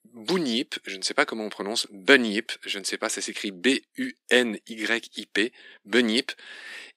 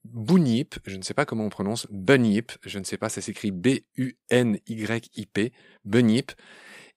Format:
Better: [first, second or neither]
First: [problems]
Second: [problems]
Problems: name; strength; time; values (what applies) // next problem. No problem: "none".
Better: second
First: thin; somewhat; fading below 250 Hz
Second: none